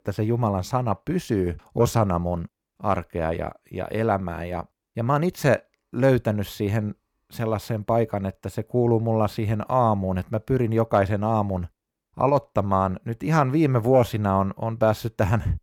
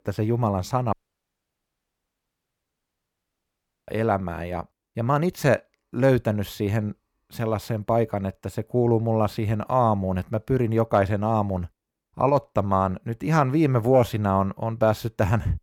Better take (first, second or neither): first